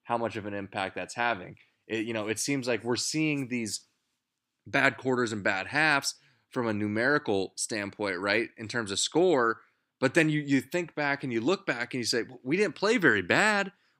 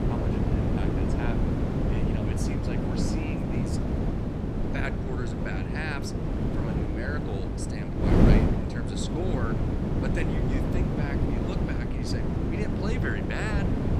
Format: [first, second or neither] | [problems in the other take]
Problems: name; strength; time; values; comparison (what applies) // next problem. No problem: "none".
first | wind noise on the microphone; heavy; 4 dB above the speech